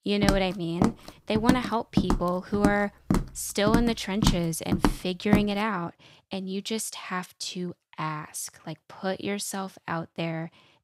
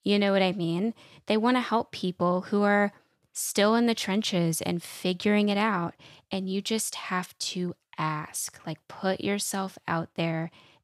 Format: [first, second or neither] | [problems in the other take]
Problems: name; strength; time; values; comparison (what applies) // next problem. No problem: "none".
second | footsteps; loud; until 5.5 s; peak 3 dB above the speech